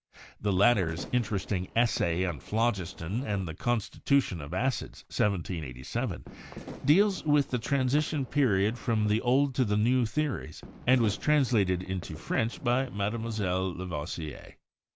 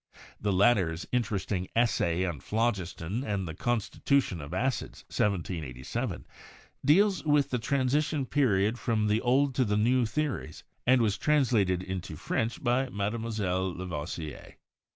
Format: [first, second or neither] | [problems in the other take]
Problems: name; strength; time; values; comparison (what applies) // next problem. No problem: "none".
second | background sound (Fireworks); 17 dB below the speech